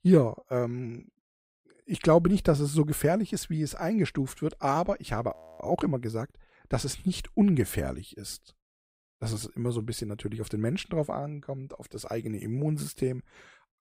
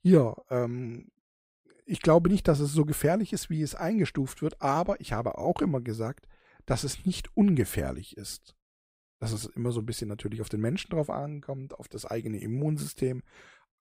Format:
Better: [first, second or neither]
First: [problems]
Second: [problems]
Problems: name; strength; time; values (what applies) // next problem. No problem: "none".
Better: second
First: audio freezing; at 5.5 s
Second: none